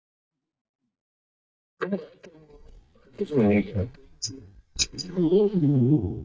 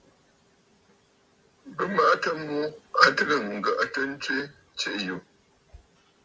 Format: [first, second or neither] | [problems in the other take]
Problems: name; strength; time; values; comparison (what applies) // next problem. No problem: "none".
second | noise reduction (neural mask model DeepFilterNet 3)